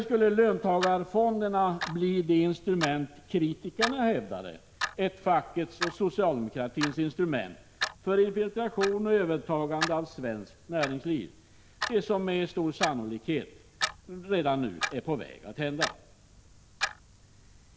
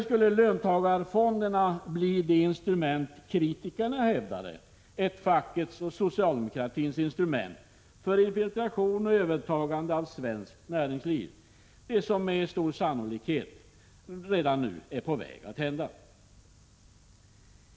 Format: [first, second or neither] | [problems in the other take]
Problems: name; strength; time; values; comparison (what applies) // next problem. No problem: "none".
second | background sound (Clock); 10 dB below the speech